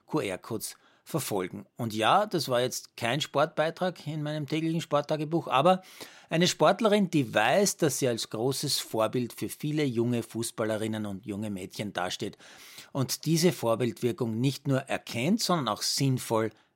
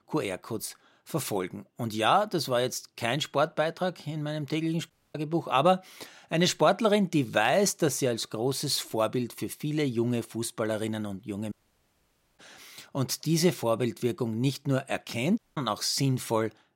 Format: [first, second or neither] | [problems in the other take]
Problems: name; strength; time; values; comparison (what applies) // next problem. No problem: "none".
first | audio cutting out; at 5 s, at 12 s for 1 s and at 15 s